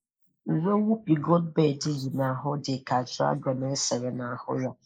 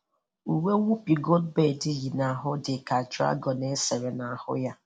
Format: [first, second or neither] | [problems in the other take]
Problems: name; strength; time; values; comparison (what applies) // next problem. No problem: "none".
second | noise reduction (neural mask model Resemble Enhance denoiser)